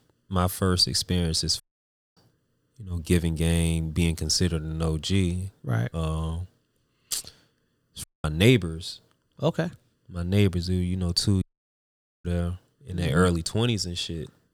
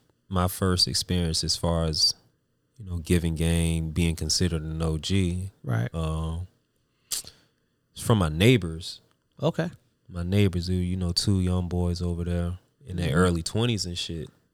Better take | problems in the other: second | audio cutting out; at 1.5 s for 0.5 s, at 8 s and at 11 s for 1 s

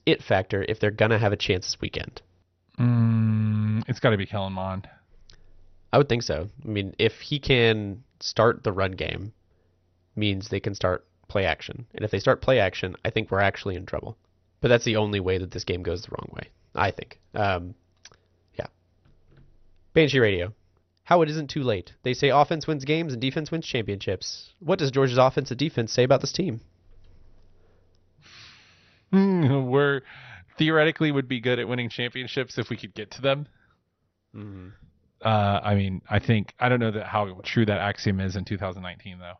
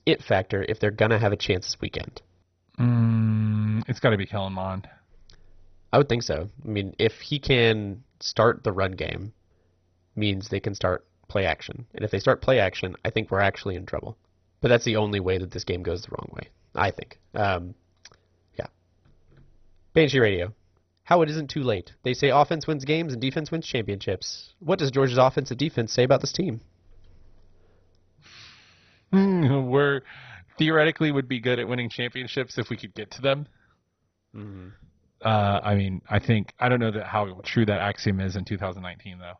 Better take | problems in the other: first | garbled, watery; badly; nothing above 6 kHz; slightly in the first

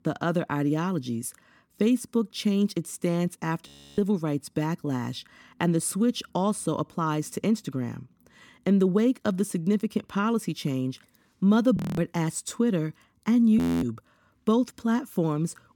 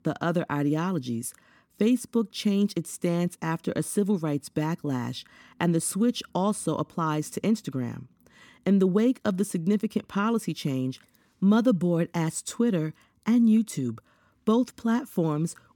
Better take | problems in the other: second | audio freezing; at 3.5 s, at 12 s and at 14 s

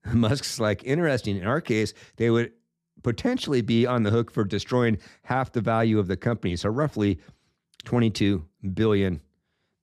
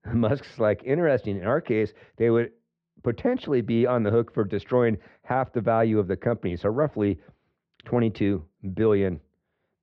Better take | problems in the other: first | muffled; very; fading above 2.5 kHz

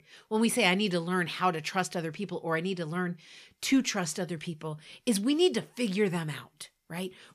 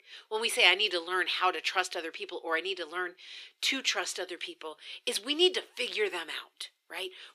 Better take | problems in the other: first | thin; very; fading below 350 Hz

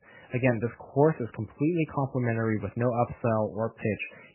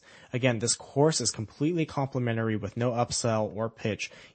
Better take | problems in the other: second | garbled, watery; badly; nothing above 2.5 kHz; slightly in the second

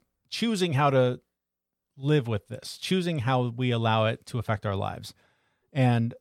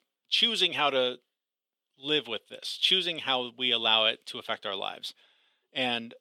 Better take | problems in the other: first | thin; somewhat; fading below 300 Hz

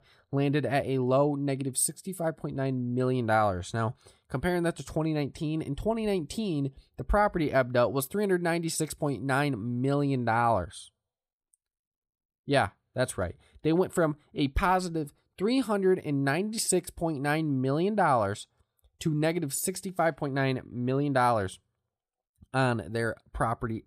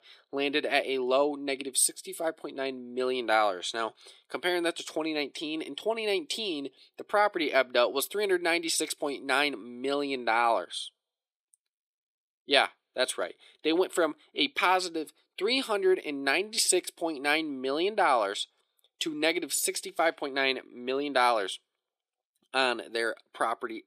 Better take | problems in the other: first | thin; somewhat; fading below 350 Hz

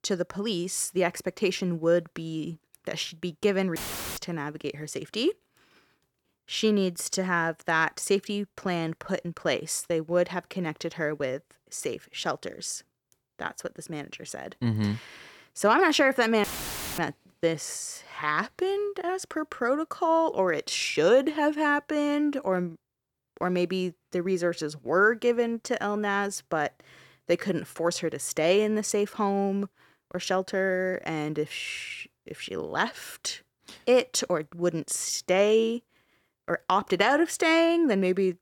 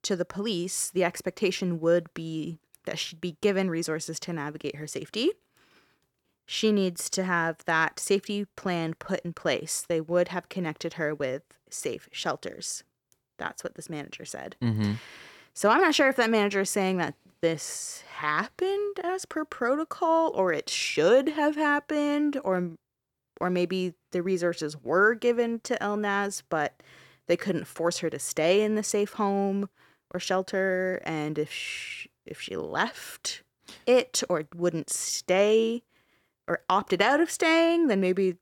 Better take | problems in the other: second | audio cutting out; filled with static; at 4 s and at 16 s for 0.5 s

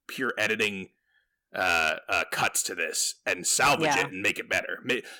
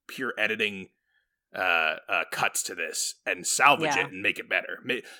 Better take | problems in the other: second | distortion; heavy; 3% of the sound clipped

